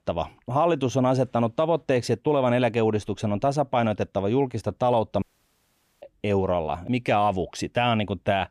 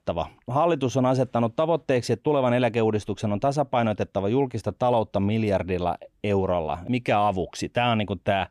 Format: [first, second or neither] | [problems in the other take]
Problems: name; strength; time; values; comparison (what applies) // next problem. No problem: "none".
second | audio cutting out; at 5 s for 1 s